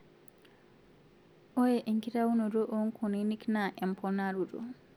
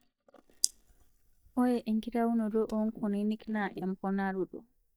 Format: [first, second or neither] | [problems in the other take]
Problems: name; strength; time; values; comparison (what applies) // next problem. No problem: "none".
first | noise reduction (neural mask model DeepFilterNet 3)